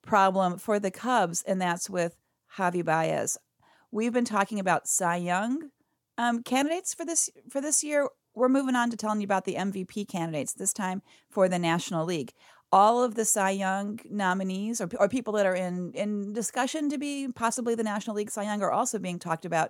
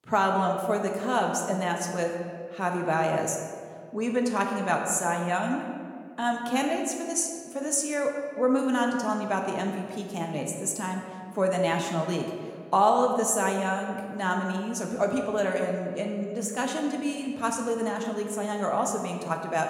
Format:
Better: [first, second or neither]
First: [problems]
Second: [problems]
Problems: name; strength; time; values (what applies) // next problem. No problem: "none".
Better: first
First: none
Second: room echo; slight; dies away in 1.5 s